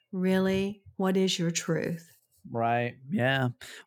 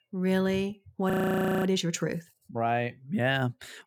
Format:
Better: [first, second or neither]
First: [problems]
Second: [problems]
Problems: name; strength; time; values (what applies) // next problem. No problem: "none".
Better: first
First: none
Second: audio freezing; at 1 s for 0.5 s